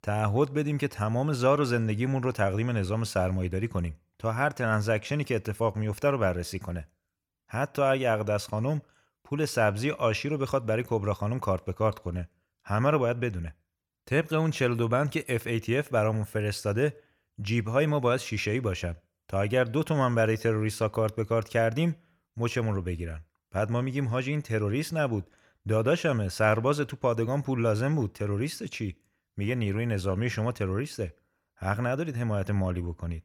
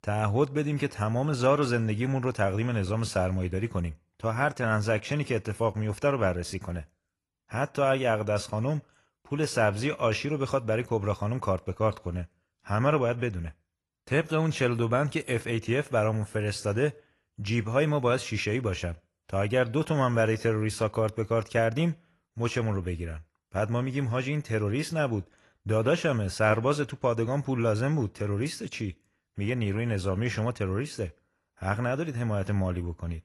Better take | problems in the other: first | garbled, watery; slightly; nothing above 11.5 kHz

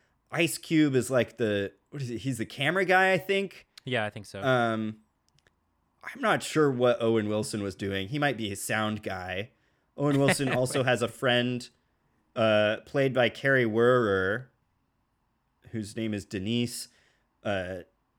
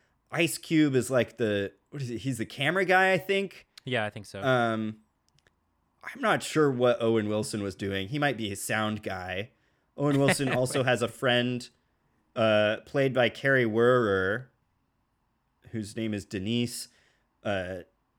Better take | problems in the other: neither | none

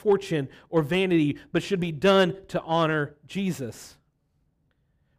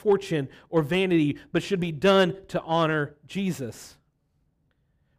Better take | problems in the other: neither | none

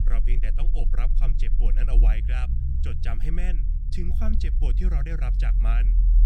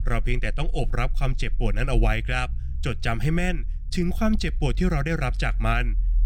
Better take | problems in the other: second | low rumble; loud; throughout; 7 dB below the speech; faint in the second

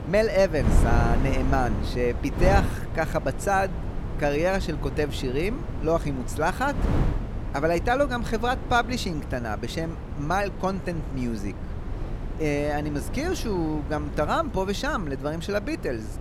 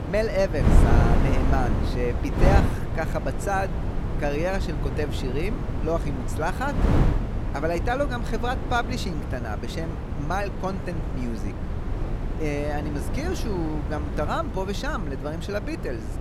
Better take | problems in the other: first | wind noise on the microphone; heavy; 5 dB below the speech; occasional gusts in the first

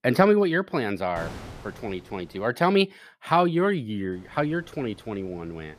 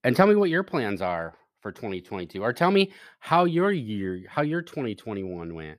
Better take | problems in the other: second | wind noise on the microphone; occasional gusts; from 1 to 2.5 s and from 4 s on; 20 dB below the speech

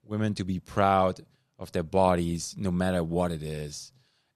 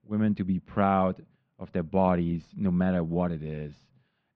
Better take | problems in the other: first | muffled; very; fading above 3 kHz

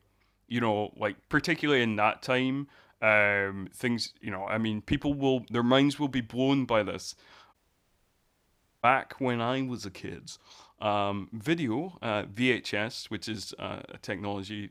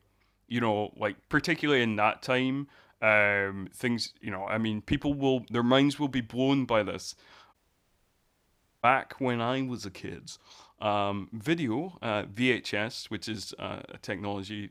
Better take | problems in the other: neither | audio cutting out; at 7.5 s for 1.5 s; the same in both

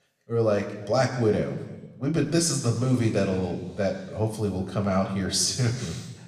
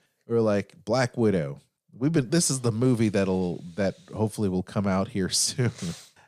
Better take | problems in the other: second | room echo; slight; dies away in 1.2 s

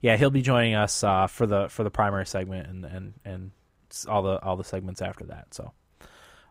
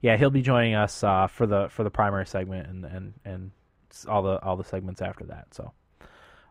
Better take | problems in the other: first | muffled; slightly; fading above 4 kHz

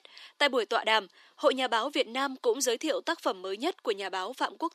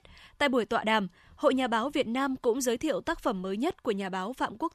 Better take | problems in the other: second | thin; somewhat; fading below 300 Hz

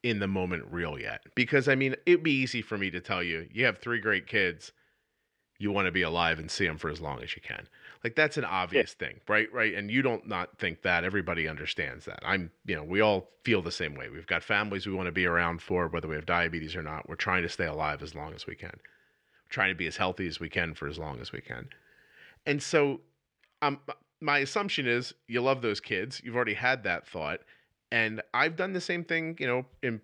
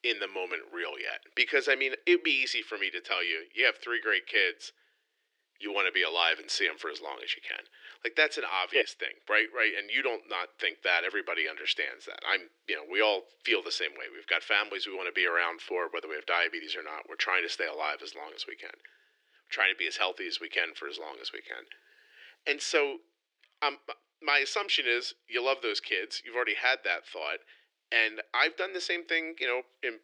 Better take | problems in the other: first | thin; very; fading below 350 Hz

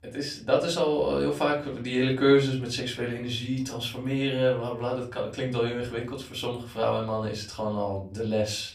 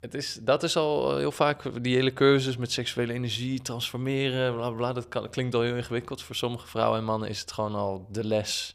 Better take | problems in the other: second | off-mic speech; far // room echo; very slight; dies away in 0.3 s

